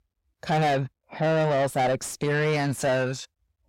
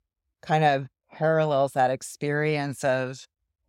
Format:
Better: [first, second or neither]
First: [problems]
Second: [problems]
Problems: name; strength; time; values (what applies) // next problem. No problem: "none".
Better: second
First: distortion; heavy; 7 dB below the speech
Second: none